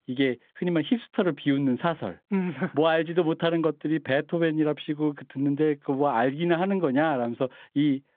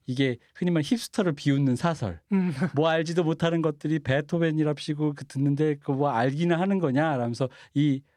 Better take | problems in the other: second | phone-call audio

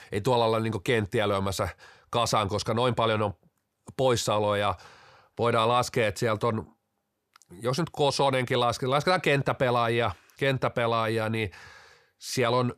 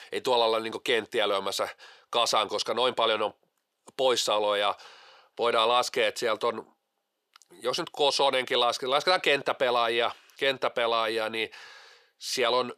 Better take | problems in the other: first | thin; somewhat; fading below 450 Hz

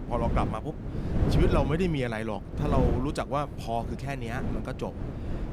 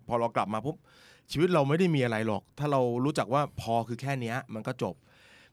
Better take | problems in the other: second | wind noise on the microphone; heavy; 7 dB below the speech

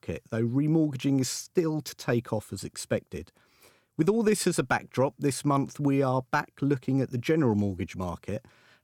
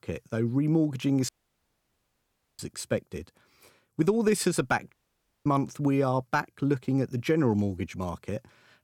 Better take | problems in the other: first | audio cutting out; at 1.5 s for 1.5 s and at 5 s for 0.5 s

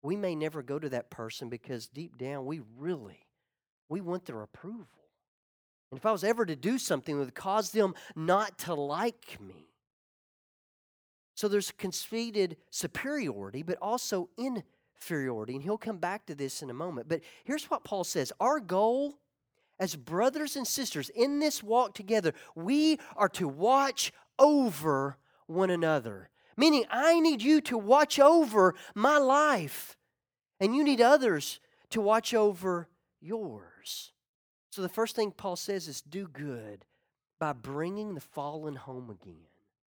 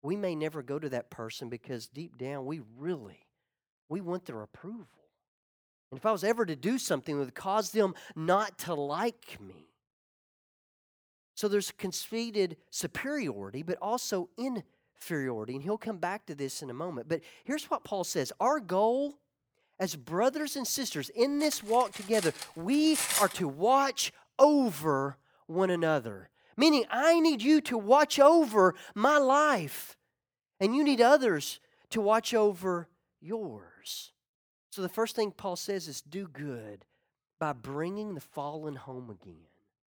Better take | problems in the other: first | clattering dishes; loud; from 21 to 23 s; peak 1 dB above the speech

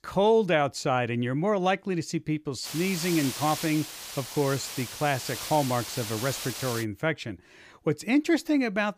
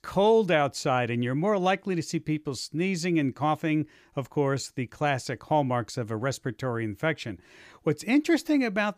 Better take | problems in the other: second | hiss; loud; from 2.5 to 7 s; 7 dB below the speech

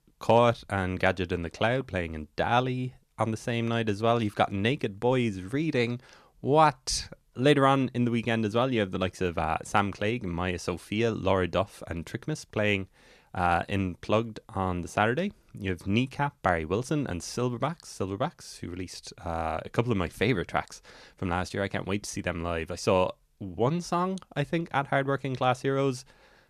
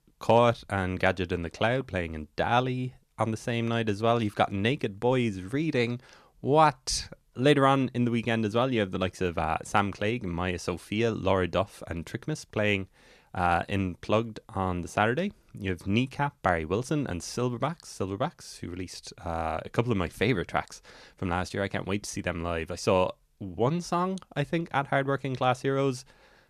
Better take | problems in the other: neither | none

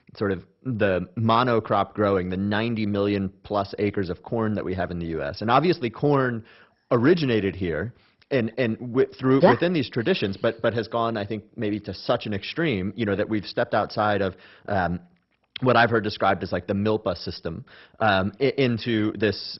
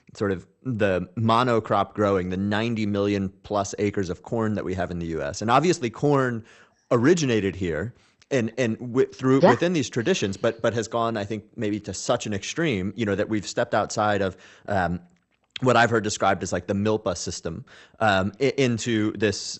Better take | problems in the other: second | garbled, watery; badly; nothing above 5.5 kHz; slightly in the second

